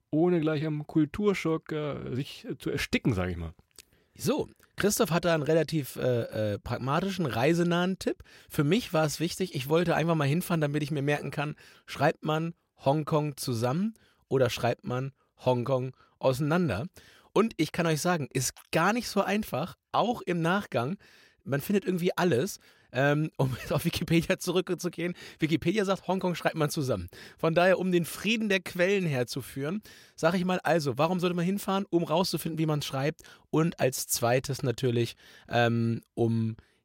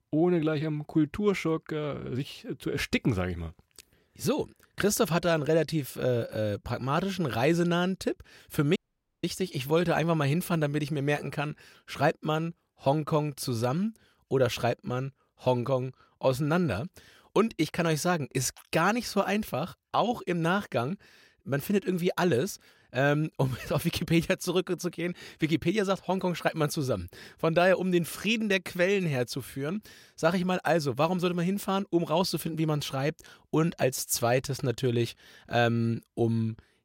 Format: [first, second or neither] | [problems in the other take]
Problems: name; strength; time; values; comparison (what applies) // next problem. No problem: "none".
first | audio cutting out; at 9 s